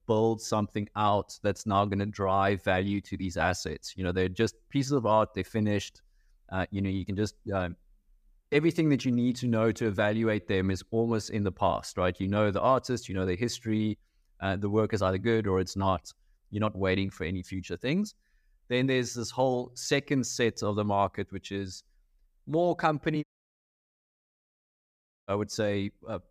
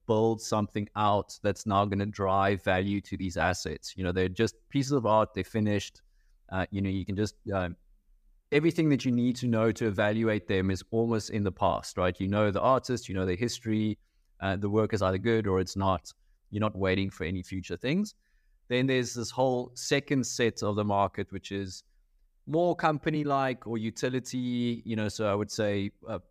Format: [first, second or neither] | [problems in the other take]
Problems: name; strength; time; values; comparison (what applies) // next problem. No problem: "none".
second | audio cutting out; at 23 s for 2 s